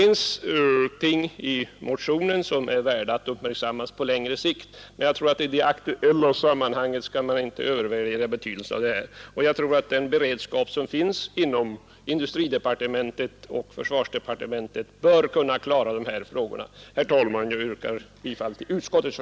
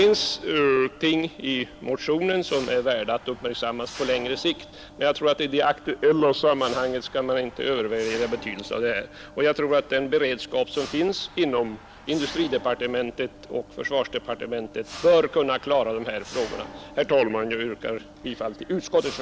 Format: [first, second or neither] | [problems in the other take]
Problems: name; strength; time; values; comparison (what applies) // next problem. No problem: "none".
first | background sound (Mechanisms); 18 dB below the speech